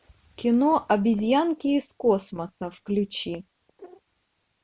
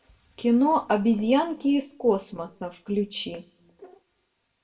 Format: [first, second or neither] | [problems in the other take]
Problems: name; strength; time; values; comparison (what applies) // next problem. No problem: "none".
first | room echo; dies away in 0.3 s